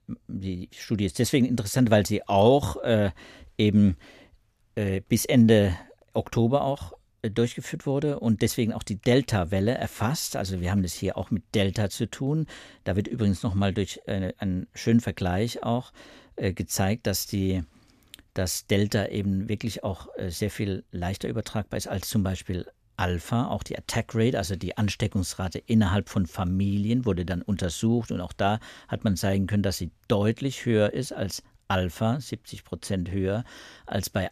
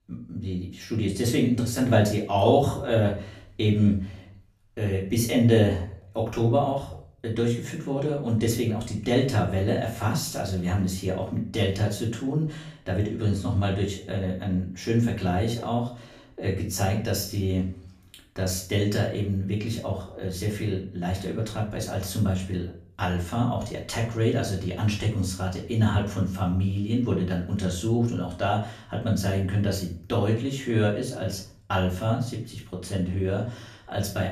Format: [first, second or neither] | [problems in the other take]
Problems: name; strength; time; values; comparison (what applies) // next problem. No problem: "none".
first | off-mic speech; far // room echo; slight; dies away in 0.4 s